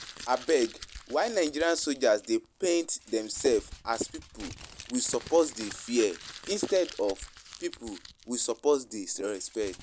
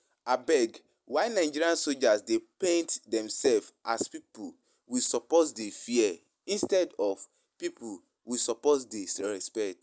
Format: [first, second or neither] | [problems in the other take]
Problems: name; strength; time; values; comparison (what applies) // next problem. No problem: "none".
second | background sound (Crumpling, crinkling); 17 dB below the speech